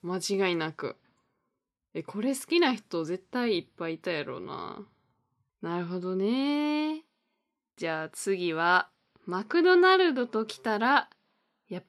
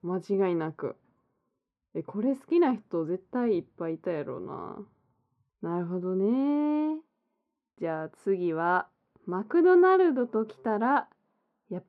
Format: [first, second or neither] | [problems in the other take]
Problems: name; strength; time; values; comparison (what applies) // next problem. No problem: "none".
first | muffled; very; fading above 2 kHz